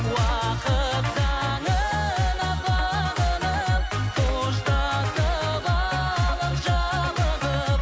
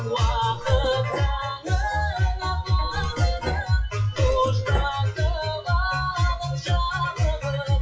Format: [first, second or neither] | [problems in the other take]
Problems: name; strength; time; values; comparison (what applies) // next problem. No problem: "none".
first | noise reduction (classical method WPE with log-MMSE)